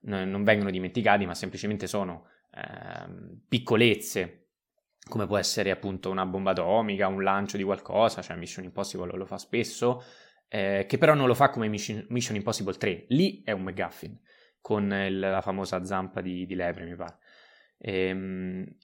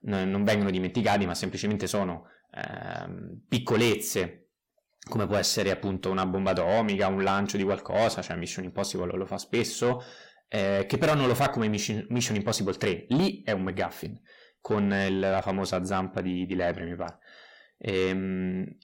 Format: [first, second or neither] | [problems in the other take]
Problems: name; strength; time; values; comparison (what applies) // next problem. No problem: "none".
first | distortion; heavy; 7 dB below the speech